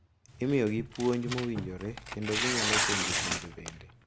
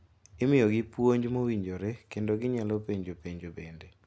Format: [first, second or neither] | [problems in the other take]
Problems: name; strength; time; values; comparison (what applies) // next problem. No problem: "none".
second | background sound (Tearing); 1 dB below the speech